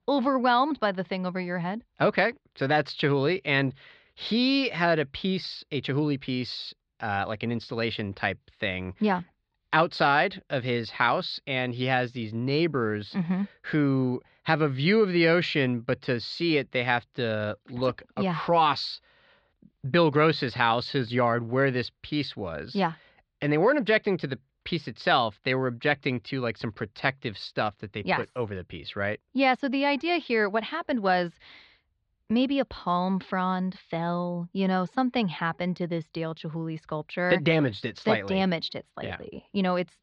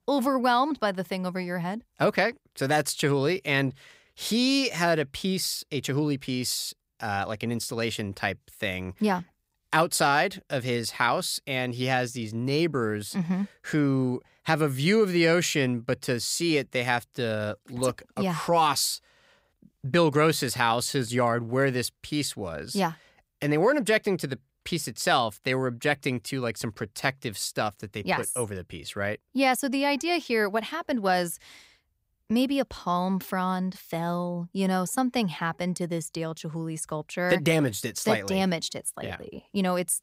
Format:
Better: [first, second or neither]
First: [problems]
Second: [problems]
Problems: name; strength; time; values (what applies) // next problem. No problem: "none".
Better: second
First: muffled; very slightly; fading above 4 kHz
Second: none